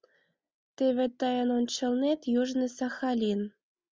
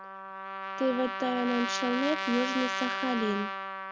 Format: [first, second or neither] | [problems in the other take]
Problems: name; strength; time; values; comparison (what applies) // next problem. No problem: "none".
first | background sound (Trumpet); 3 dB below the speech